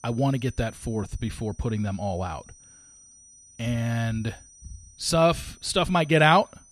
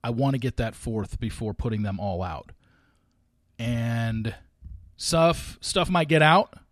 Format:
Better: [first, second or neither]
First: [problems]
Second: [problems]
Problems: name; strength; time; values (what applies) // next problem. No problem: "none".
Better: second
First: high-pitched whine; faint; throughout; 6 kHz, 25 dB below the speech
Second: none